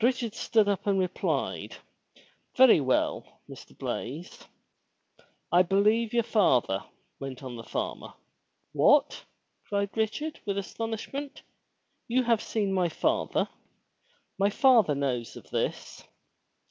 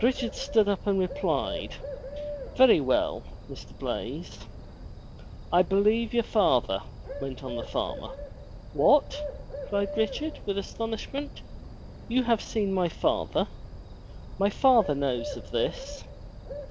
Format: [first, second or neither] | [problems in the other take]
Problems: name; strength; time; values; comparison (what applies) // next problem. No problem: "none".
first | background sound (Bird); 11 dB below the speech